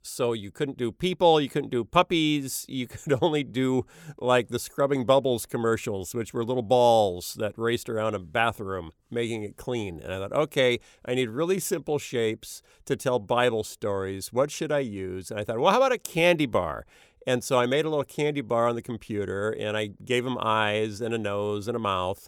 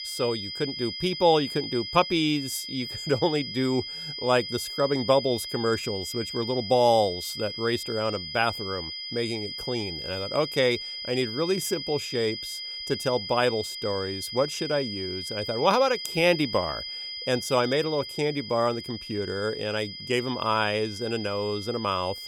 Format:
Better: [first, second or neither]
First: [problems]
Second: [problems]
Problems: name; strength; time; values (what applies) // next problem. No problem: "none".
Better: first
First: none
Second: high-pitched whine; loud; throughout; 5 kHz, 7 dB below the speech